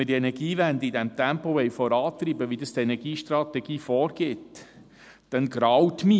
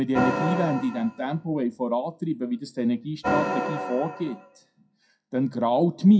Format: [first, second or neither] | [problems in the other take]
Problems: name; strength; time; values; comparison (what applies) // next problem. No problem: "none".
first | noise reduction (classical method WPE with log-MMSE)